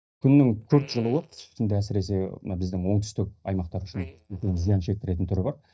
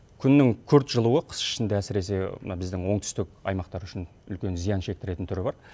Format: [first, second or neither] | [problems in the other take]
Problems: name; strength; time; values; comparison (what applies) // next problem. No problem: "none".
second | noise reduction (neural mask model DeepFilterNet 3)